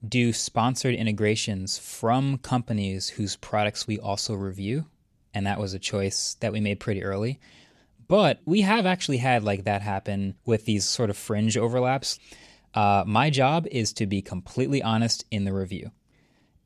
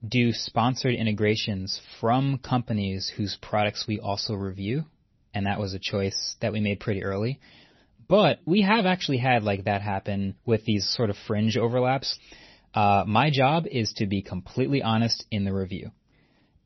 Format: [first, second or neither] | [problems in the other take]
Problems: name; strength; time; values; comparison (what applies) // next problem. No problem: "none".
first | garbled, watery; slightly; nothing above 6 kHz